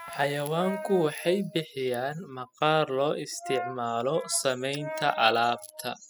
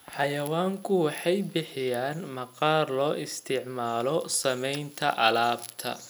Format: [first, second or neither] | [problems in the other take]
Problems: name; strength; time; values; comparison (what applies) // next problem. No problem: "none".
second | noise reduction (classical method spectral subtraction)